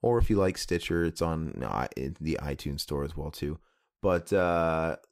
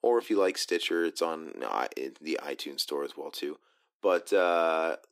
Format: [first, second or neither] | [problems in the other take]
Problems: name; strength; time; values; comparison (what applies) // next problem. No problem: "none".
first | thin; somewhat; fading below 300 Hz